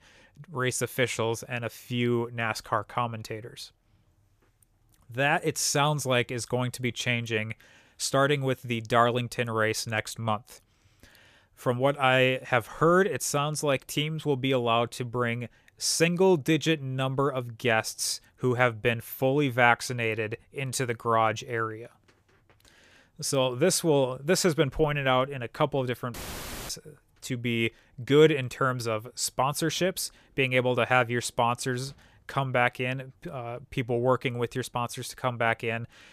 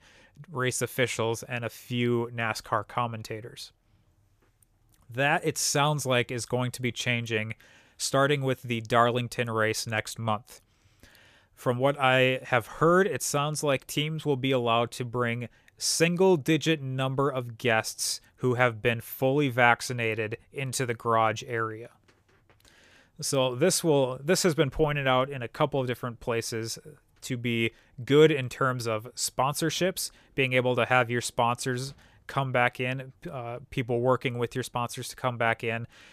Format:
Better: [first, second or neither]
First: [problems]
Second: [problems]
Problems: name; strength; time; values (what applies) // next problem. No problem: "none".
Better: second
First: audio cutting out; filled with static; at 26 s for 0.5 s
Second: none